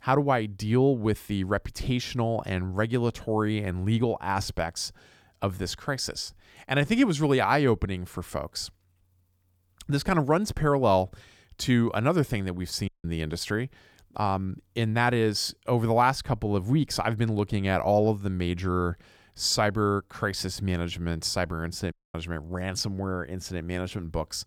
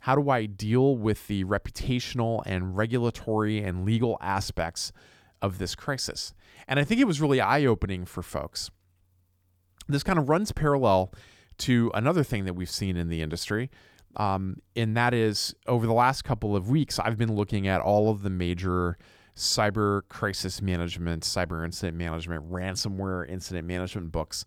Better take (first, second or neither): second